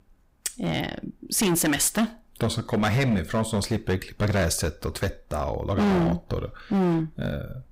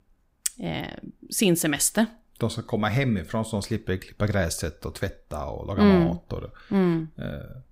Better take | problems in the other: second | distortion; heavy; 13% of the sound clipped

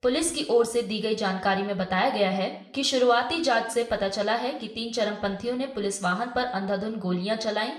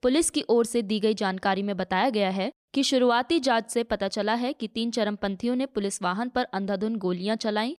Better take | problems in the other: second | room echo; slight; dies away in 0.5 s // off-mic speech; somewhat distant

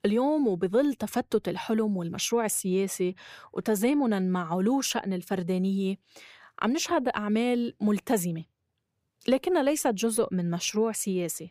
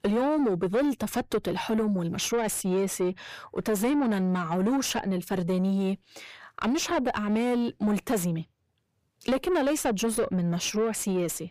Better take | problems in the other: first | distortion; slight; 10 dB below the speech

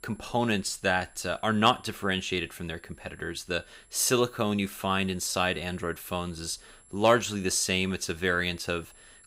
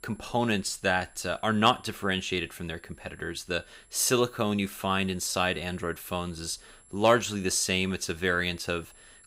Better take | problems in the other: neither | high-pitched whine; faint; throughout; 11 kHz, 30 dB below the speech; the same in both

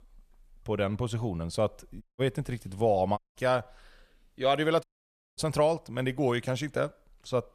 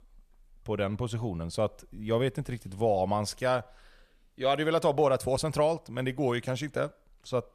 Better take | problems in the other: second | audio cutting out; at 2 s, at 3 s and at 5 s for 0.5 s

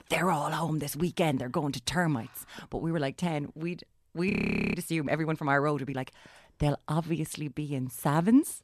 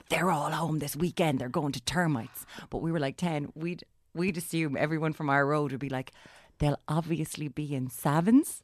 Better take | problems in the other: second | audio freezing; at 4.5 s

